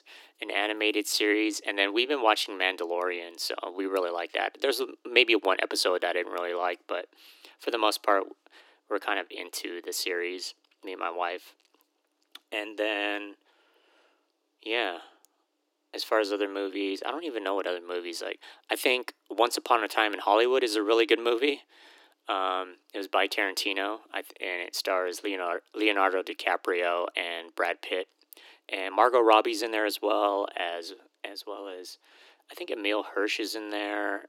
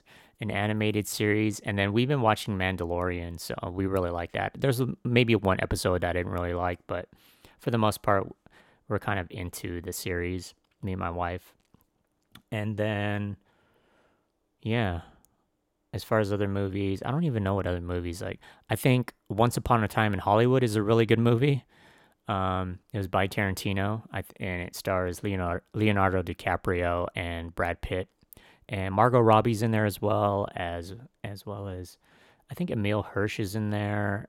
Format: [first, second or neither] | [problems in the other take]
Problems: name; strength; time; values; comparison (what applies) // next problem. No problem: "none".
second | thin; very; fading below 300 Hz